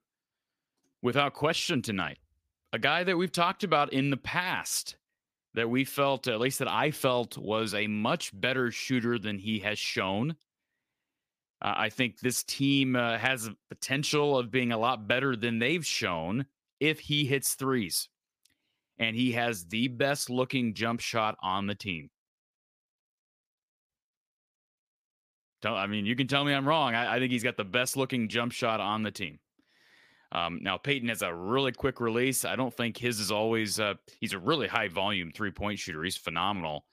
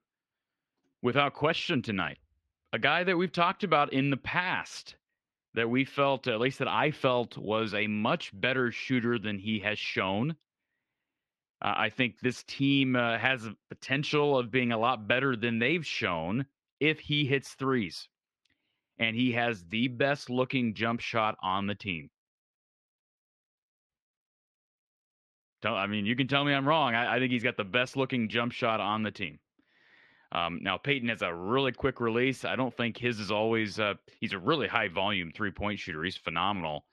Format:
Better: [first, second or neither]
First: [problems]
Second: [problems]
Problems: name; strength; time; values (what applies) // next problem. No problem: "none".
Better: first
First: none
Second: muffled; slightly; fading above 3 kHz